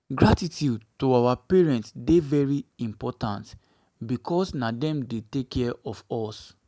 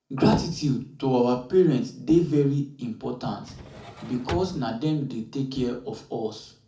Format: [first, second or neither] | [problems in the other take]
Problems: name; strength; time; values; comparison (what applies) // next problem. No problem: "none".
first | background sound (Drawer open or close); 13 dB below the speech // room echo; dies away in 0.4 s